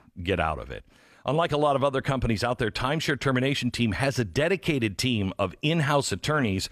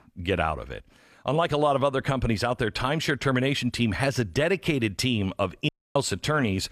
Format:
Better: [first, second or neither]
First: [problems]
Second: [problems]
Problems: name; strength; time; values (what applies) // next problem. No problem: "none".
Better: first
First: none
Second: audio cutting out; at 5.5 s